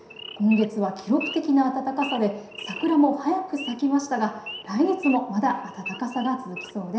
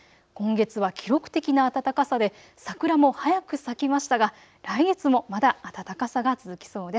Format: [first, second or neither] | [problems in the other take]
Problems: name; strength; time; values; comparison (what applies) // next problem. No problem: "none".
second | background sound (Idling / Wild animals); 15 dB below the speech // room echo; dies away in 0.7 s